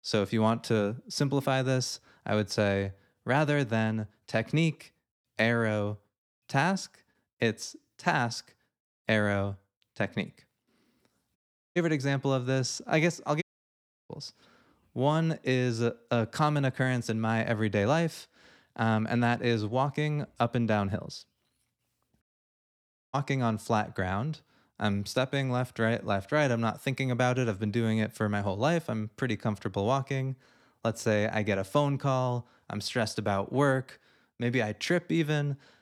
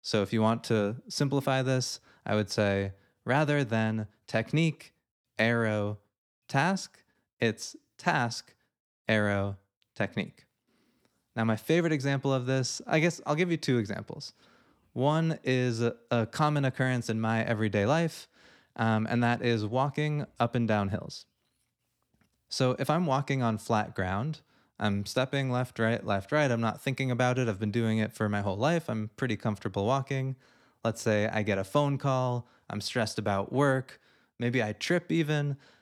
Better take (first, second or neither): second